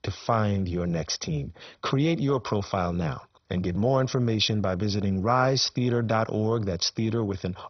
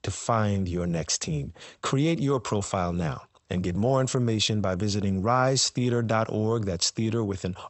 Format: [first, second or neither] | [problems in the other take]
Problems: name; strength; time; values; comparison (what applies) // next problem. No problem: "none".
second | garbled, watery; badly; nothing above 6 kHz; slightly in the second